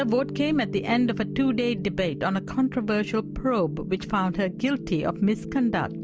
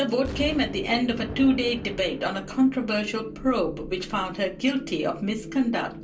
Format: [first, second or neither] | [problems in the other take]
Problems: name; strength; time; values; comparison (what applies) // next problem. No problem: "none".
first | background sound (Explosion); 17 dB below the speech // room echo; dies away in 0.3 s